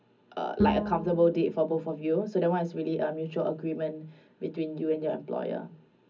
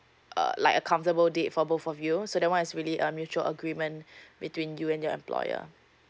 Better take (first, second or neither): second